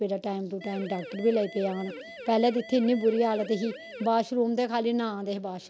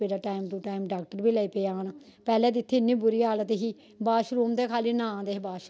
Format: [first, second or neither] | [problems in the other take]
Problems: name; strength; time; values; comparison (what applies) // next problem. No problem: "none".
second | background sound (Siren); 15 dB below the speech